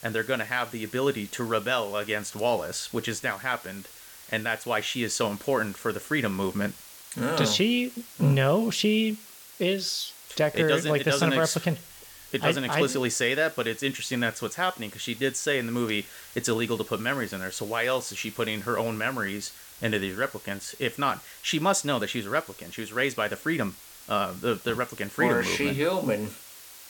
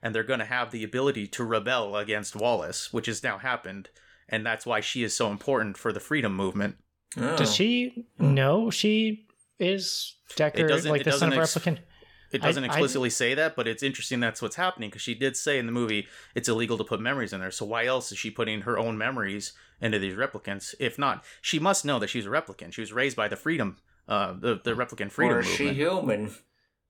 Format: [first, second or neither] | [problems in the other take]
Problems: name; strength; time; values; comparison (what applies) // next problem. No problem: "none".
second | hiss; noticeable; throughout; 15 dB below the speech